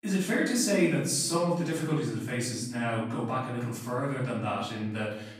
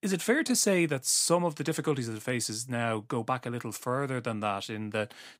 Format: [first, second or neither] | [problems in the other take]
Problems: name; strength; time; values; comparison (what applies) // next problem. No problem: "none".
second | off-mic speech; far // room echo; noticeable; dies away in 0.9 s